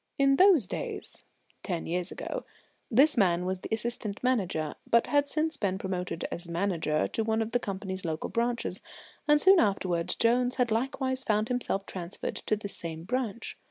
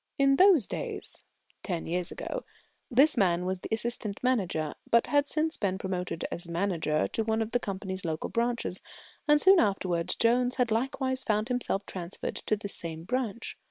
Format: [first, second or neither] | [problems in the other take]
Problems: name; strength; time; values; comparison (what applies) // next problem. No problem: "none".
first | noise reduction (neural separator model SepFormer WHAM!)